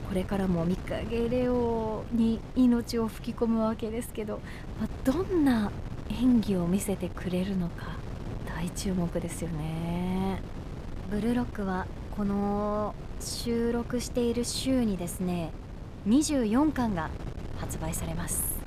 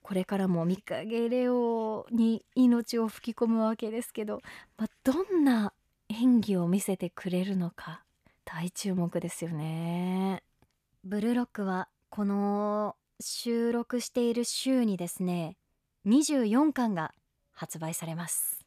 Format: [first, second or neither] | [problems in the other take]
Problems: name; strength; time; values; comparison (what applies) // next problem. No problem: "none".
second | wind noise on the microphone; occasional gusts; 15 dB below the speech